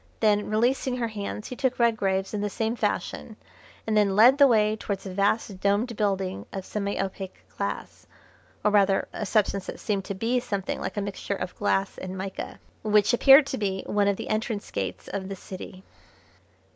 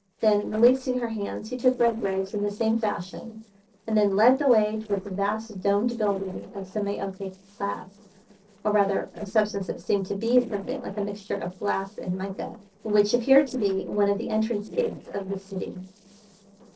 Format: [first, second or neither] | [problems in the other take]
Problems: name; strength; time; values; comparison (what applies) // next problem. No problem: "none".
first | noise reduction (neural separator model SepFormer DNS4)